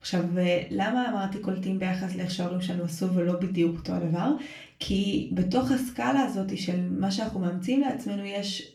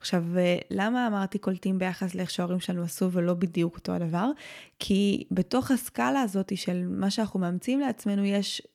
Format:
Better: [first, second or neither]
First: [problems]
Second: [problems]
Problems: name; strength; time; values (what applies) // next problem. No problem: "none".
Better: second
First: room echo; slight; dies away in 0.3 s // off-mic speech; far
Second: none